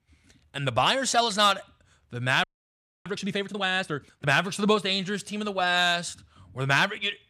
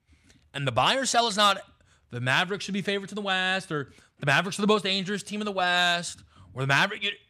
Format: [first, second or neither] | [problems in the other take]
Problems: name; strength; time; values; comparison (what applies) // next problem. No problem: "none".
second | audio freezing; at 2.5 s for 0.5 s